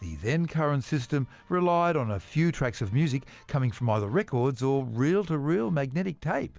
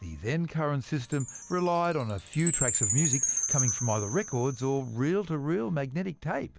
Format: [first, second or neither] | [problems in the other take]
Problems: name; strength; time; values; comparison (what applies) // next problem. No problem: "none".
first | background sound (Chime); 4 dB below the speech